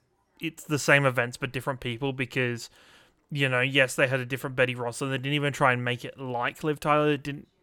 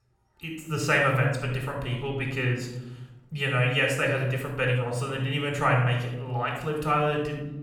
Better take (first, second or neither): first